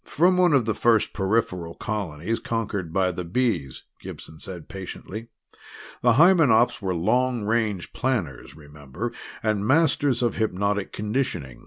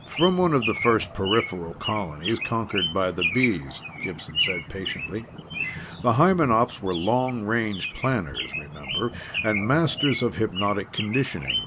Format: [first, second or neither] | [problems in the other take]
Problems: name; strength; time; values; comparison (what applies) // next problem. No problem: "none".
first | background sound (Bird); 7 dB below the speech